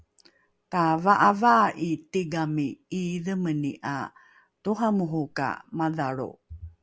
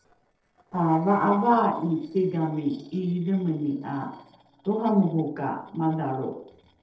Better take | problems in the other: first | noise reduction (neural separator model SepFormer DNS4)

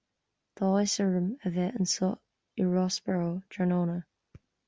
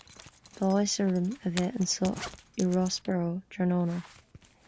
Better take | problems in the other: first | background sound (Zipper (clothing)); 17 dB below the speech

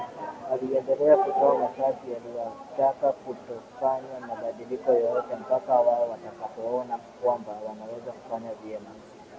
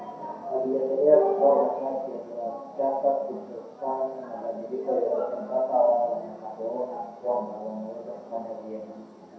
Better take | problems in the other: first | room echo; dies away in 0.7 s

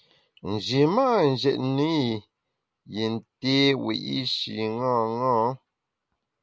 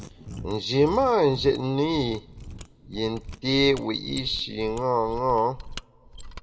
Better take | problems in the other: first | background sound (Mechanisms); 15 dB below the speech // room echo; dies away in 0.7 s

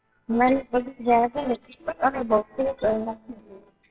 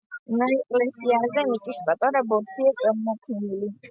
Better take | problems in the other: second | noise reduction (neural separator model SepFormer WHAMR!)

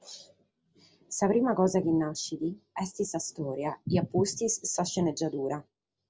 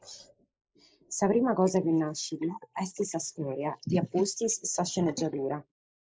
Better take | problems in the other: first | noise reduction (neural mask model Resemble Enhance denoiser)

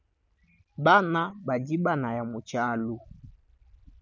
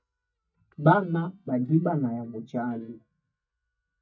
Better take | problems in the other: first | noise reduction (neural mask model DeepFilterNet 3)

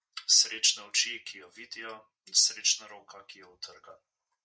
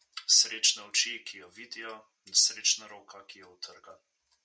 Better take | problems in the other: second | noise reduction (neural mask model Resemble Enhance denoiser)

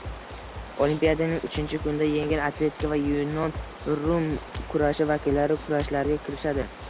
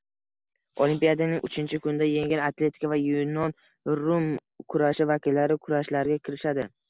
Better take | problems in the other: second | background sound (Stream + Drum kit); 10 dB below the speech

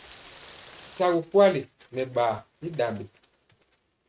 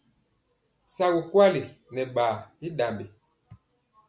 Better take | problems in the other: second | noise reduction (neural mask model RNNoise)

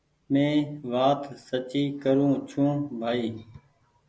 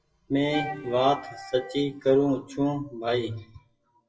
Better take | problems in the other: first | noise reduction (classical method WPE with log-MMSE)

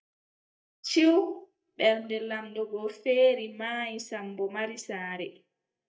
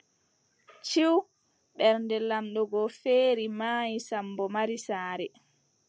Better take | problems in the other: second | noise reduction (neural mask model DeepFilterNet 3)

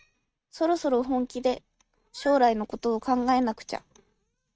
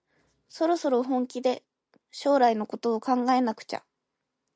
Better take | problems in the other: second | noise reduction (neural mask model RNNoise)

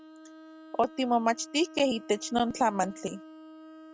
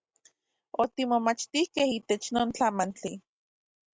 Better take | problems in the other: second | background sound (Bowed string instrument); 18 dB below the speech

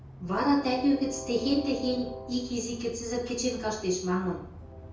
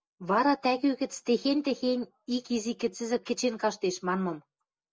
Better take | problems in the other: second | background sound (Train); 13 dB below the speech // room echo; dies away in 0.5 s

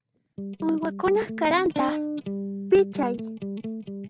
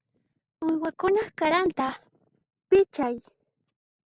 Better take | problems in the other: second | background sound (Electric guitar); 6 dB below the speech

